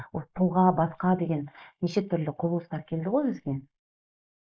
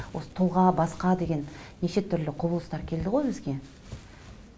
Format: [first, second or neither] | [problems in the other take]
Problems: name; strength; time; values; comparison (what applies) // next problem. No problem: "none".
second | noise reduction (neural mask model Resemble Enhance denoiser)